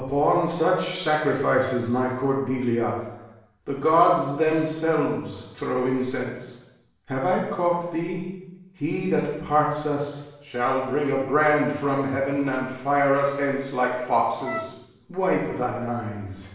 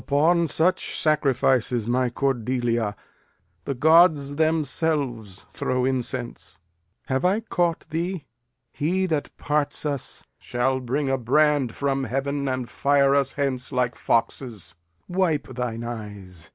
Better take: second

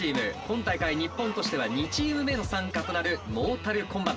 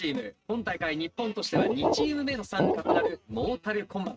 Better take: first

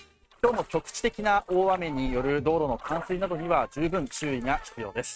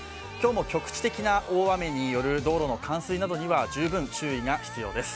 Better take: second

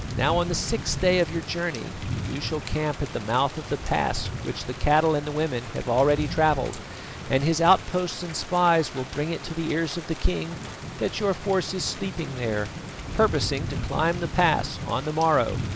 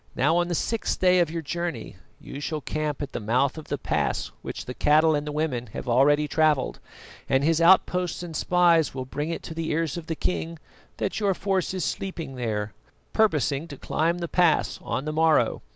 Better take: second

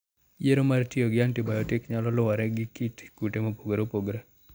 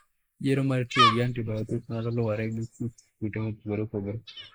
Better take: first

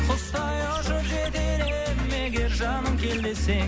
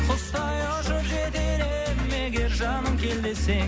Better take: second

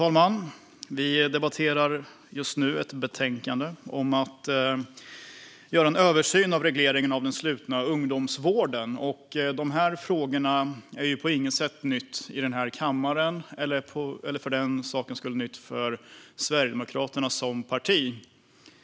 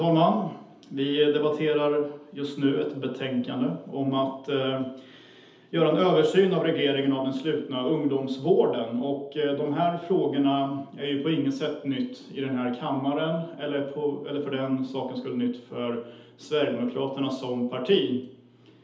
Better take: first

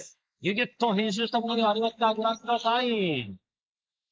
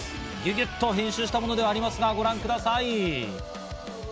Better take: second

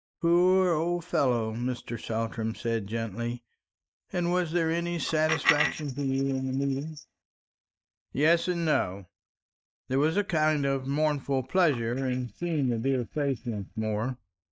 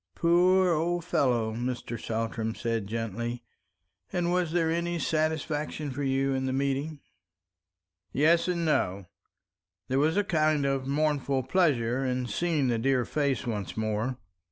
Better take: second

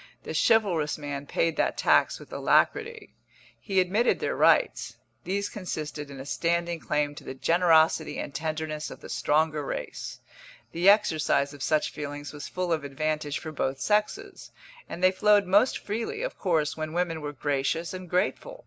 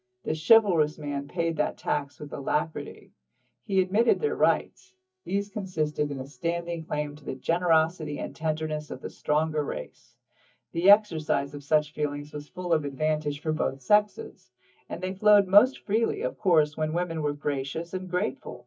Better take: first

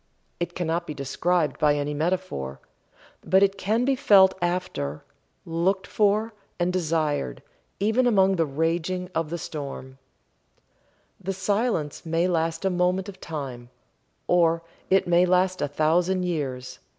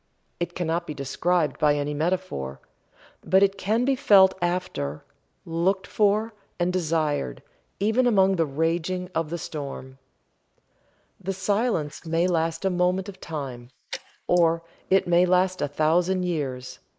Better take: first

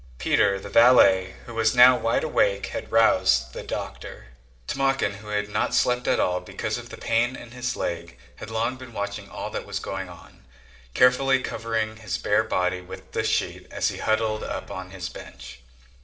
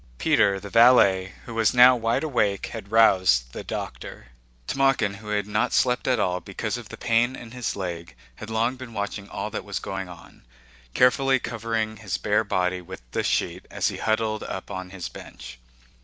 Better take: second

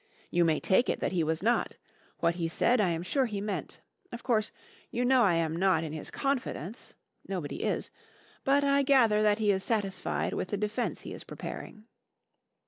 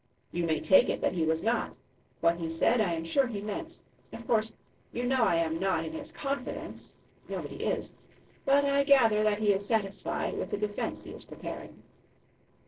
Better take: first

